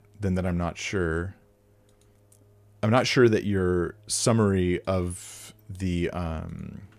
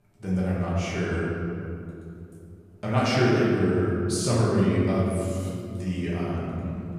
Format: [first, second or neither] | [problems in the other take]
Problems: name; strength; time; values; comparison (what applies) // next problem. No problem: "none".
first | room echo; strong; dies away in 2.6 s // off-mic speech; far